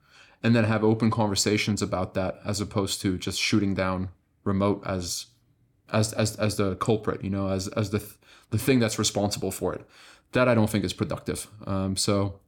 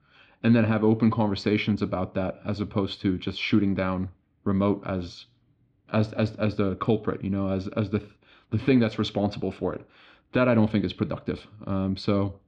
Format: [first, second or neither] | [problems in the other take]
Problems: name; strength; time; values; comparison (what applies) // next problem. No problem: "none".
first | muffled; slightly; fading above 3.5 kHz